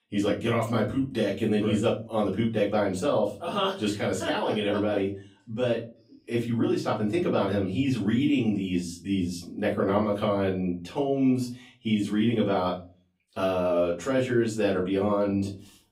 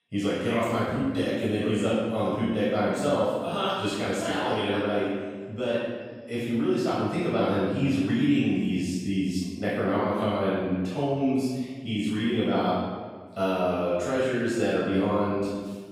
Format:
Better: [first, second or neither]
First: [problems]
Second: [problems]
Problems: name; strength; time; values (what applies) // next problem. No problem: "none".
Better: first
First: room echo; slight; dies away in 0.4 s // off-mic speech; far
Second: room echo; strong; dies away in 1.3 s // off-mic speech; far